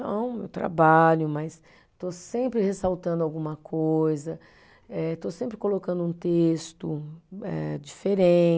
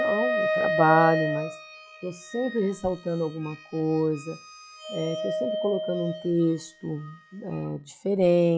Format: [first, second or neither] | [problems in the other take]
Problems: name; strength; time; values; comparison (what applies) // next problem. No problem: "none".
first | noise reduction (classical method log-MMSE)